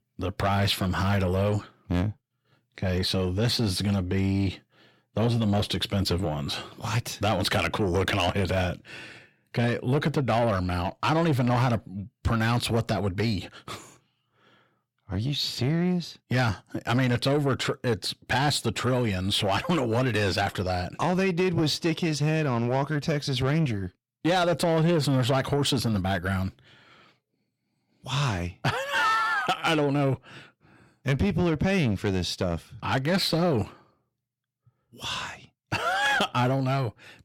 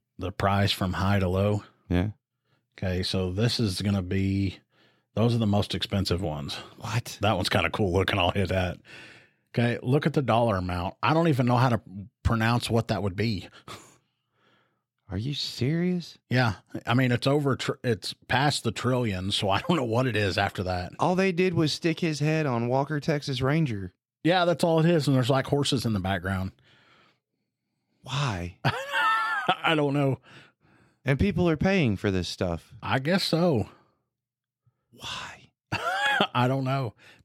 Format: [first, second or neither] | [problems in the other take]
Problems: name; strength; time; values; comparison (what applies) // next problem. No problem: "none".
second | distortion; slight; 10 dB below the speech